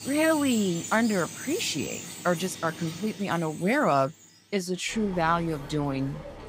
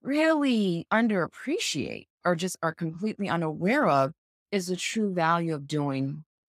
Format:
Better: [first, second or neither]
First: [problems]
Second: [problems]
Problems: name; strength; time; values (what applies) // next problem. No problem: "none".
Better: second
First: animal sounds; noticeable; throughout; 10 dB below the speech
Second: none